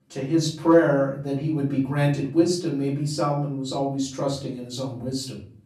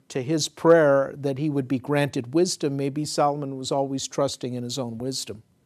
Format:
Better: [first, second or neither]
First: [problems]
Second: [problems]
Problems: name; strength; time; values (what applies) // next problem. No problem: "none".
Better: second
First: off-mic speech; far // room echo; slight; dies away in 0.5 s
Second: none